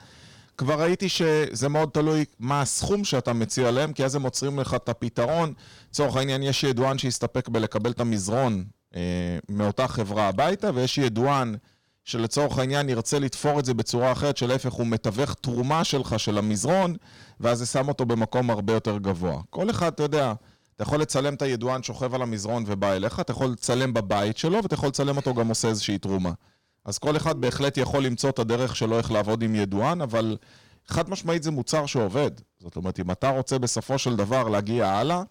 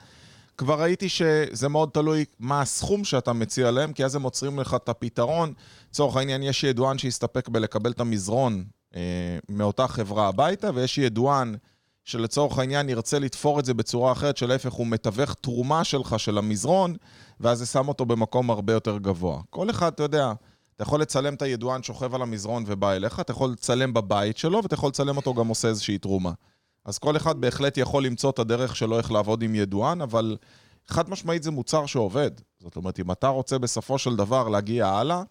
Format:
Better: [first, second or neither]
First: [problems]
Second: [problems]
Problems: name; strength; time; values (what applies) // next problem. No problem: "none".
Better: second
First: distortion; slight; 8% of the sound clipped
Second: none